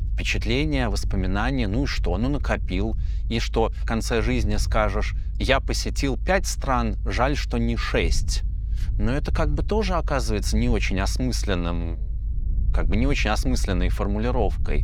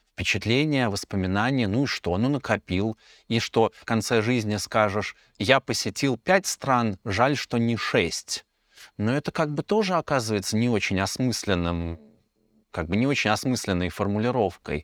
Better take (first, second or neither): second